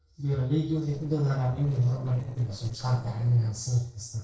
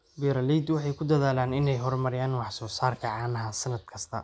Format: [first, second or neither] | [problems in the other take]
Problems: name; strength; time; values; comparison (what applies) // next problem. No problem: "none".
second | noise reduction (neural separator model SepFormer DNS4)